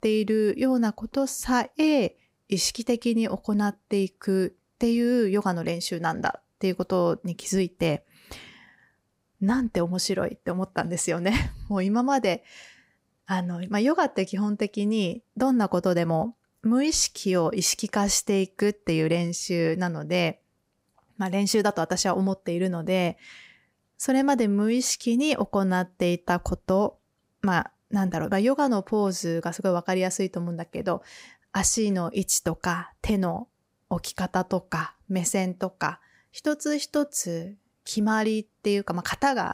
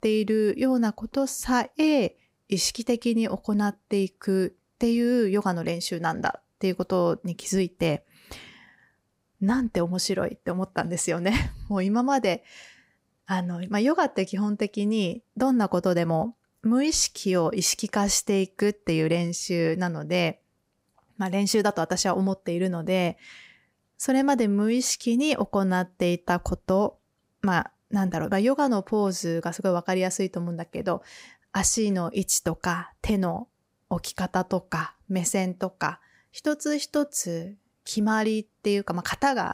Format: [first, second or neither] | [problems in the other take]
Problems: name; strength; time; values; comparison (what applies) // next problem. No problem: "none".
neither | none